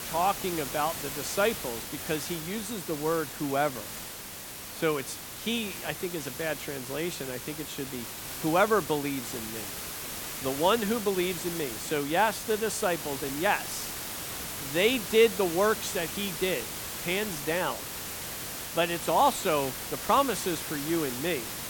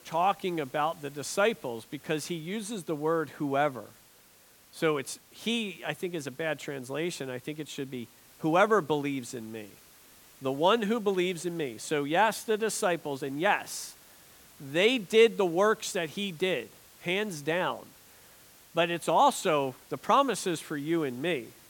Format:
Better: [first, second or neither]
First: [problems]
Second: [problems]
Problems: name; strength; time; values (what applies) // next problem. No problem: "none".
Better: second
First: hiss; loud; throughout; 6 dB below the speech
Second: hiss; faint; throughout; 25 dB below the speech